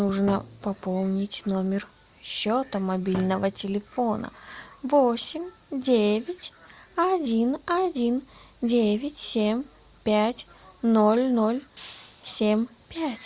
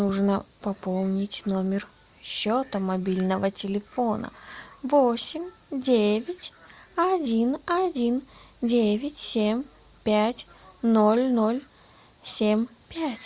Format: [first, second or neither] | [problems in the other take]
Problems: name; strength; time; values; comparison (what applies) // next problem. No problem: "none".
second | background sound (Shatter + Thump, thud); 18 dB below the speech